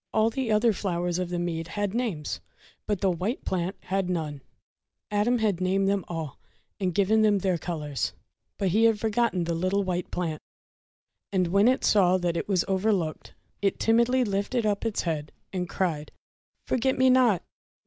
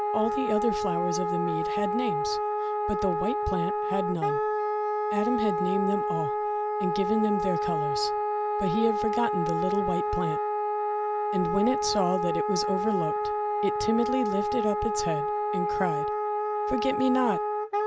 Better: first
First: none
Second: background sound (Wind instrument, woodwind instrument); 2 dB above the speech

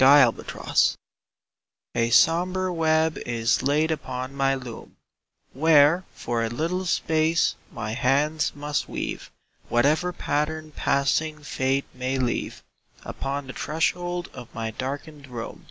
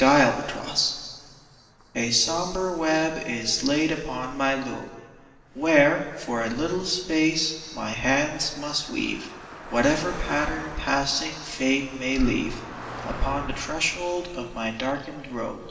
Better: first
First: none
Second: background sound (Car passing by); 18 dB below the speech // room echo; dies away in 2.6 s

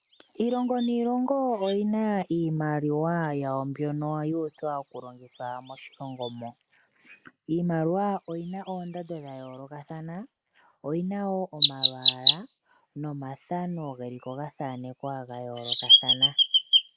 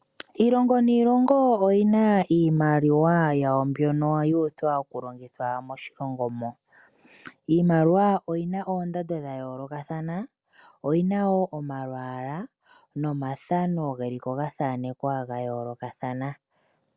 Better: second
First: noise reduction (neural mask model Resemble Enhance denoiser)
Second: none

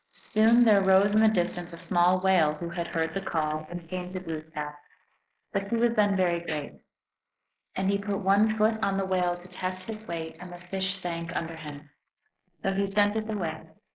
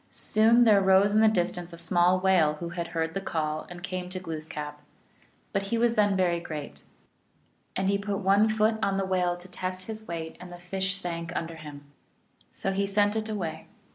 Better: second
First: noise reduction (neural mask model Resemble Enhance denoiser)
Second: none

